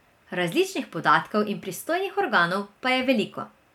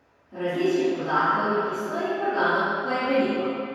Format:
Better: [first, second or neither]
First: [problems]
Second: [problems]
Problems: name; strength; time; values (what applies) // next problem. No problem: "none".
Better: first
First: none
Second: room echo; dies away in 2.2 s